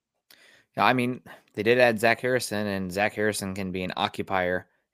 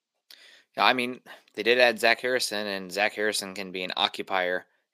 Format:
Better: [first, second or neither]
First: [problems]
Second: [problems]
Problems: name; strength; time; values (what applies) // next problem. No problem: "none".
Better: first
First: none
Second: thin; very slightly; fading below 300 Hz